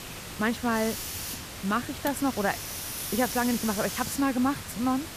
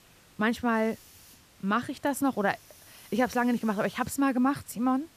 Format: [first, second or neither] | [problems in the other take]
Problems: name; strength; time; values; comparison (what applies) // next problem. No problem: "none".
second | hiss; loud; throughout; 6 dB below the speech; faint in the second